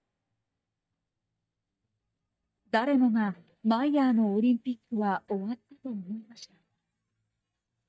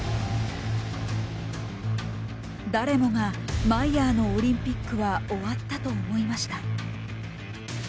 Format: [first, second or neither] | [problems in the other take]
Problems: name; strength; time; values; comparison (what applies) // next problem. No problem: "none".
second | noise reduction (neural mask model DeepFilterNet 3)